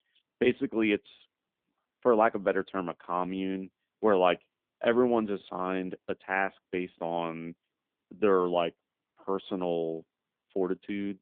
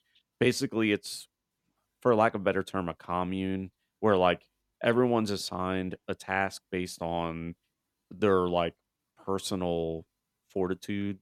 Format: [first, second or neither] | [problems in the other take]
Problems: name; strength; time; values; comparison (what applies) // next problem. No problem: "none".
second | phone-call audio; nothing above 3.5 kHz